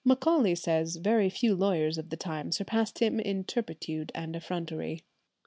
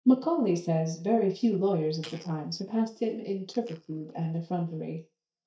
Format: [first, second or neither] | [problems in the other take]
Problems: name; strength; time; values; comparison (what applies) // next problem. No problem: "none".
first | noise reduction (neural mask model DeepFilterNet 3)